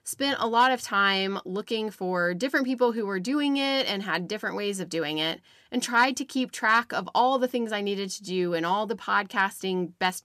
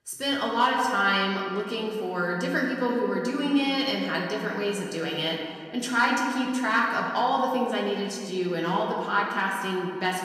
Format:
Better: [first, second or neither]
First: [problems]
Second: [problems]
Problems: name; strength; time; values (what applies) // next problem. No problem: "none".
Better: first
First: none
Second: room echo; noticeable; dies away in 1.6 s // off-mic speech; far